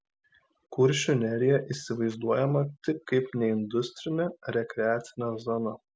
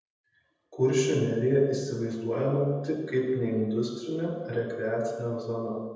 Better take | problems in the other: first | room echo; dies away in 1.1 s

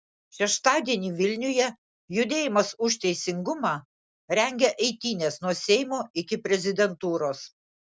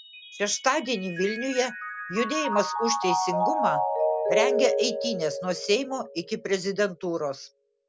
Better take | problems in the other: first | background sound (Mallet percussion); 1 dB below the speech

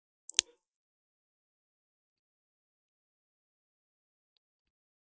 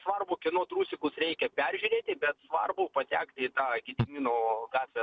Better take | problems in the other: second | noise reduction (neural mask model DeepFilterNet 3)

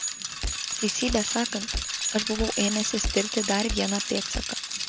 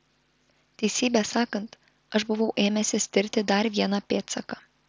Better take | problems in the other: second | background sound (Bicycle); 1 dB below the speech

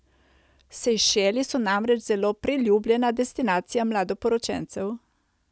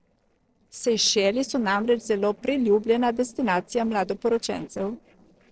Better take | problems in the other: first | noise reduction (neural separator model SepFormer DNS4)

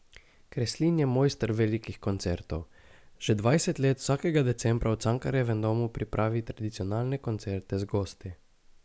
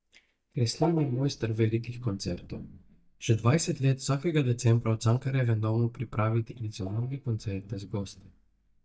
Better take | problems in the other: first | noise reduction (neural mask model DeepFilterNet 3)

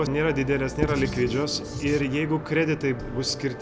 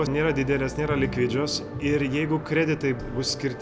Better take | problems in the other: second | background sound (Writing); 11 dB below the speech

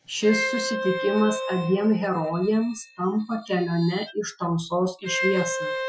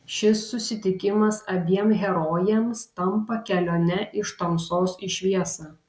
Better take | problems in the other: second | noise reduction (classical method Wiener filter)

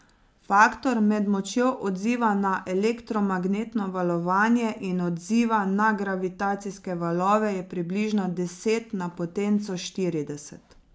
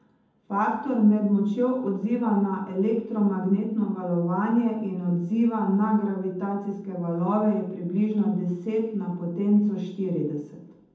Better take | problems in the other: first | room echo; dies away in 0.8 s

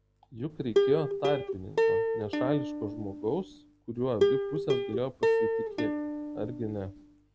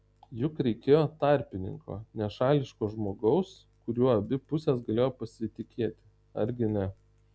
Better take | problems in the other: second | background sound (Plucked string instrument); 4 dB above the speech

